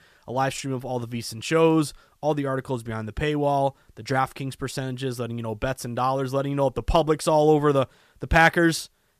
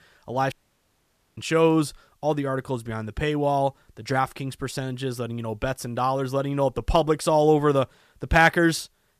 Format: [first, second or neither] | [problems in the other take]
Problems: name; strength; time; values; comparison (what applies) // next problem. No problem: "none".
first | audio cutting out; at 0.5 s for 1 s